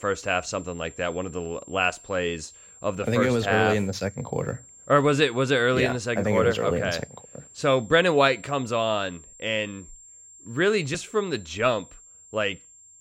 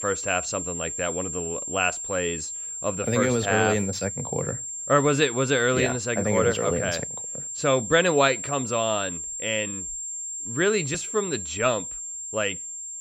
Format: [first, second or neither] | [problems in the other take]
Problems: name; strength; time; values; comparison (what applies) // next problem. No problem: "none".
first | high-pitched whine; loud; throughout; 7.5 kHz, 6 dB below the speech; faint in the first